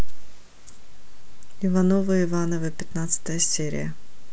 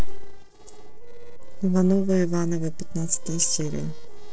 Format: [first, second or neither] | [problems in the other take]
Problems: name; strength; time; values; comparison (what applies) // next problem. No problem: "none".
first | noise reduction (neural separator model SepFormer DNS4)